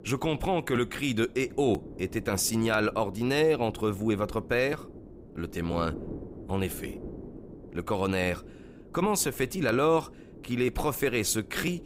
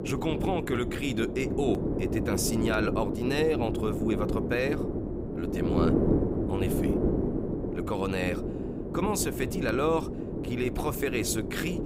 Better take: first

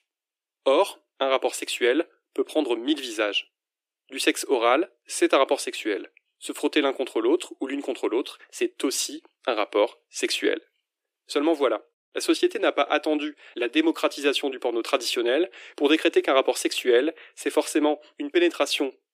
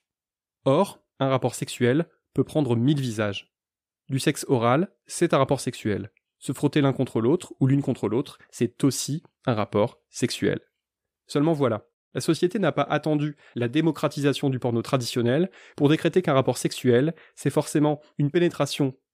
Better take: second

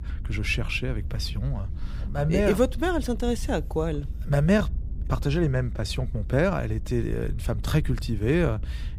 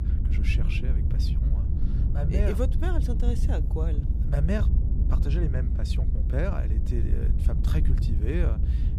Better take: first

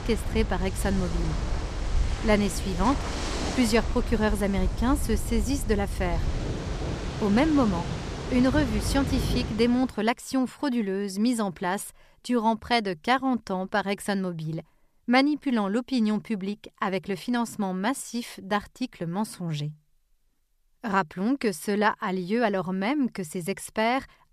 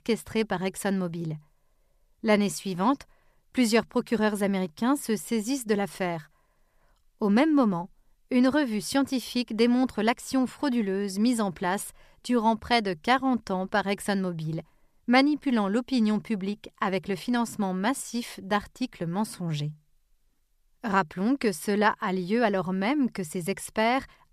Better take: second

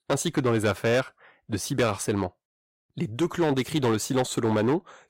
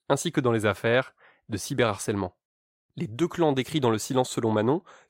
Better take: second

